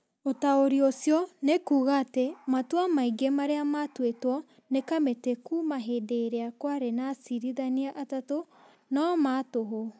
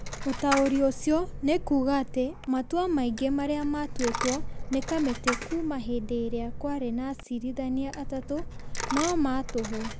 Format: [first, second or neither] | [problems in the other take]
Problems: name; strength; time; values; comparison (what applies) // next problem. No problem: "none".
first | background sound (Coin (dropping)); 6 dB below the speech